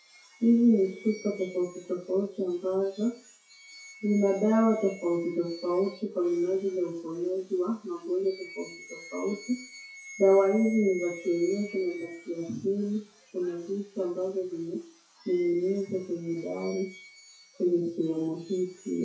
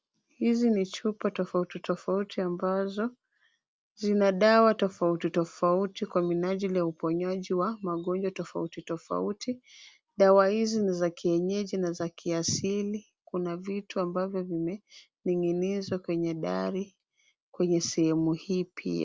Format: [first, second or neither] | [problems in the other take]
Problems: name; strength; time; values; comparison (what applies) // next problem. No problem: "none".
second | noise reduction (classical method WPE with log-MMSE)